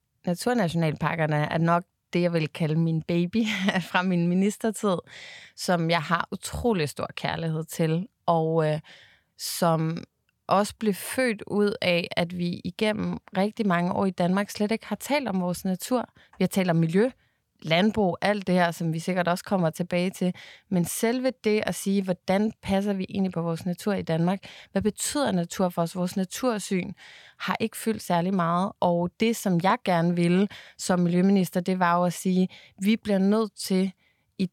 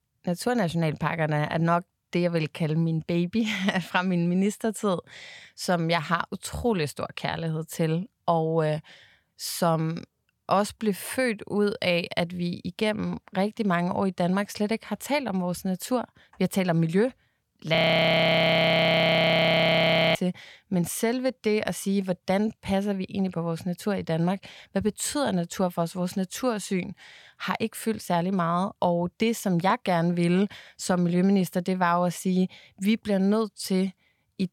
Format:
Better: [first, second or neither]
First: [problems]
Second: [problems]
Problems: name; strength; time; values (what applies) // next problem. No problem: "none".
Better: first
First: none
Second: audio freezing; at 18 s for 2.5 s